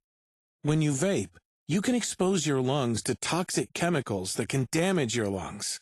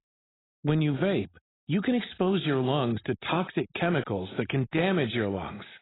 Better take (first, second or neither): first